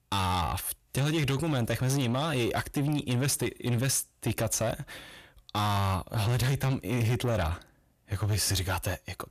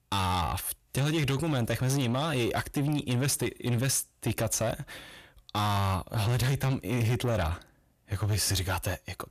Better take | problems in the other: neither | distortion; slight; 10 dB below the speech; the same in both

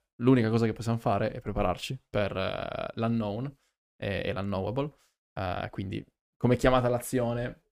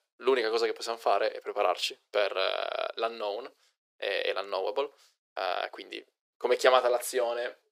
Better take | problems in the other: first | thin; very; fading below 400 Hz

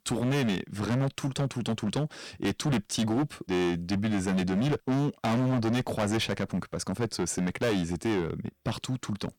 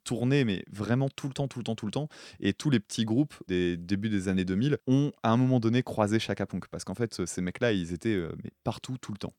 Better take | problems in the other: second | distortion; heavy; 18% of the sound clipped

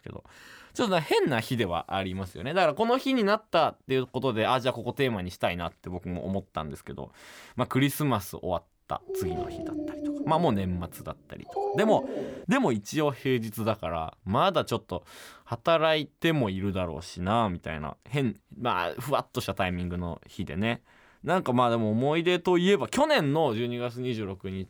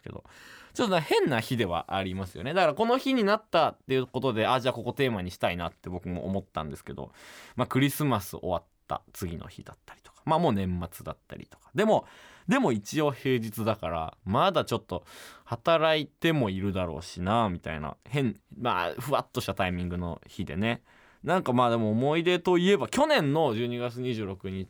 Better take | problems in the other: second | dog barking; noticeable; from 9 to 12 s; peak 2 dB below the speech

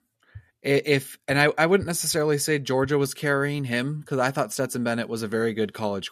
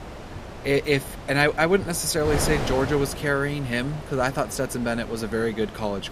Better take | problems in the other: first | wind noise on the microphone; occasional gusts; 10 dB below the speech

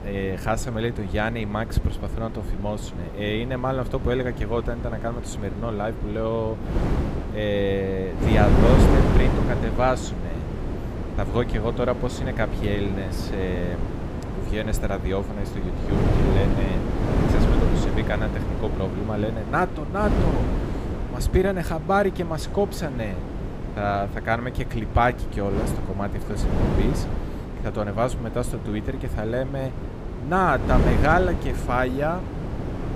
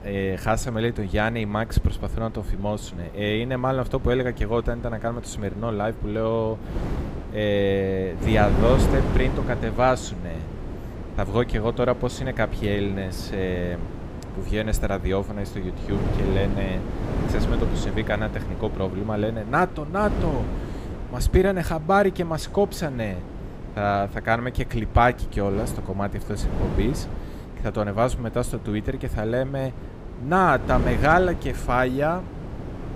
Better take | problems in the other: second | wind noise on the microphone; heavy; 6 dB below the speech; occasional gusts in the second

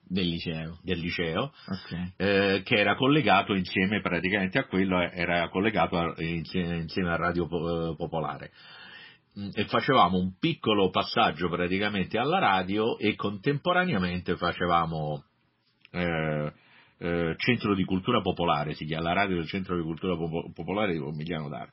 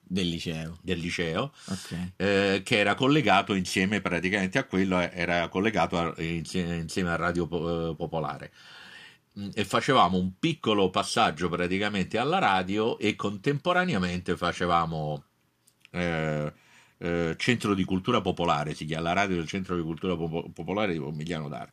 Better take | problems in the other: second | garbled, watery; badly; nothing above 5.5 kHz

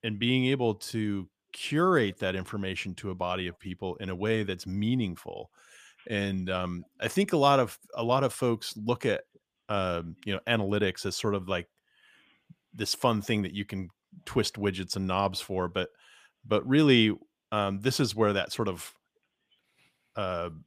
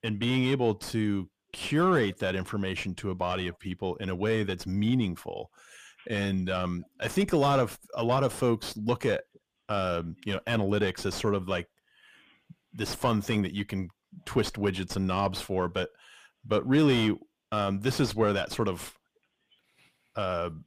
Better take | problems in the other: first | distortion; slight; 9 dB below the speech

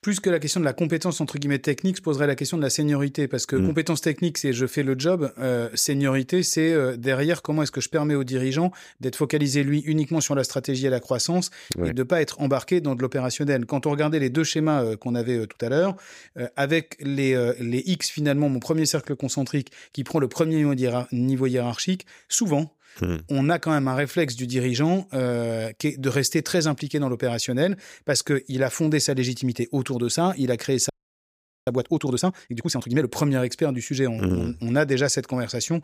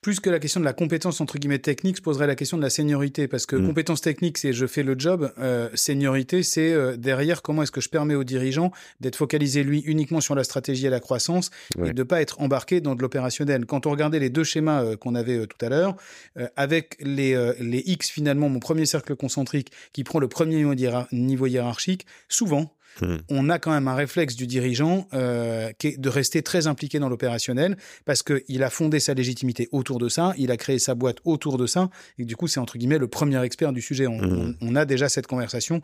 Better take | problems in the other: second | audio freezing; at 31 s for 1 s

